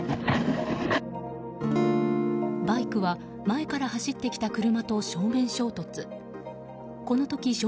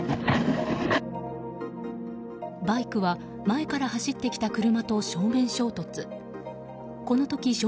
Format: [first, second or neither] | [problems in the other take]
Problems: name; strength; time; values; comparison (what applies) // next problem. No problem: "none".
second | background sound (Acoustic guitar / Strum); 2 dB above the speech